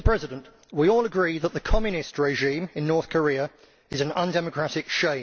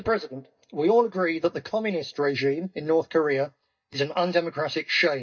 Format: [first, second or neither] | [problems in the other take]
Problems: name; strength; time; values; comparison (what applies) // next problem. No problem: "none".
first | noise reduction (neural mask model DeepFilterNet 3)